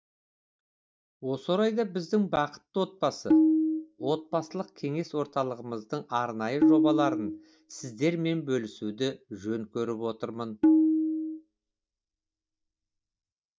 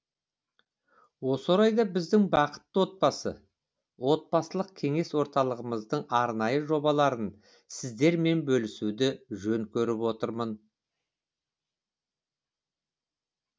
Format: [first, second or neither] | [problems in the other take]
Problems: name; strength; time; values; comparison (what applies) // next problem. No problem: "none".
second | noise reduction (neural mask model DeepFilterNet 3)